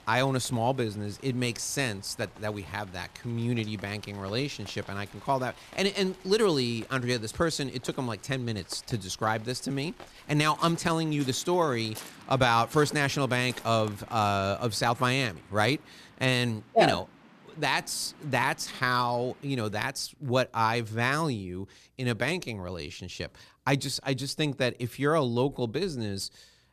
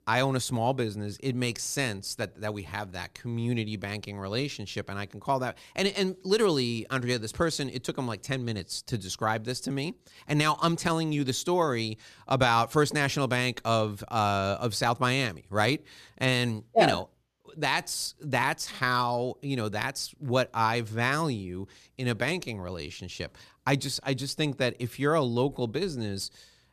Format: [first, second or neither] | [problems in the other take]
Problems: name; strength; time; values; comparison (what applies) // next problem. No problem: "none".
second | rain or running water; faint; until 20 s; 20 dB below the speech